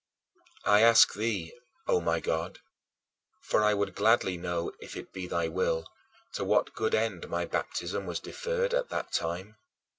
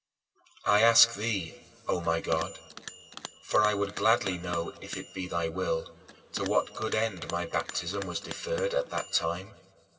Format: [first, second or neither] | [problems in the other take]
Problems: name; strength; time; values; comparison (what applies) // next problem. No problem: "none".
first | background sound (Bell); 15 dB below the speech // room echo; dies away in 2.2 s